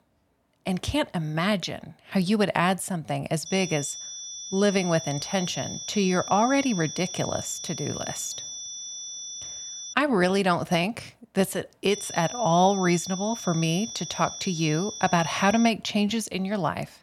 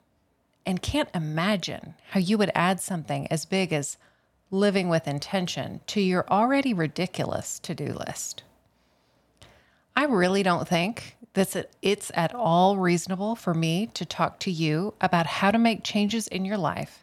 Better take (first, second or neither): second